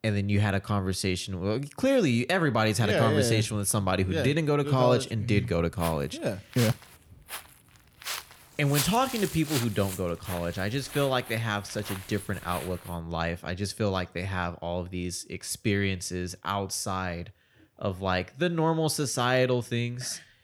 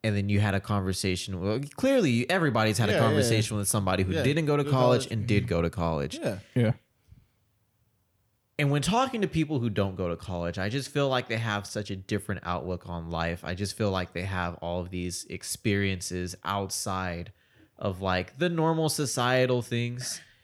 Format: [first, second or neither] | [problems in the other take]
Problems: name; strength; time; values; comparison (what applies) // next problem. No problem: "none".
second | footsteps; noticeable; from 6 to 13 s; peak 2 dB below the speech